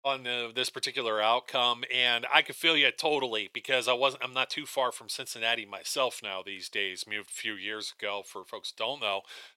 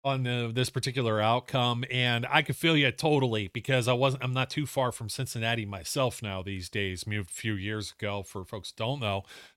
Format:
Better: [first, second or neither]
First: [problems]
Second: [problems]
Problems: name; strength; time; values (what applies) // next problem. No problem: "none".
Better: second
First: thin; very; fading below 500 Hz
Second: none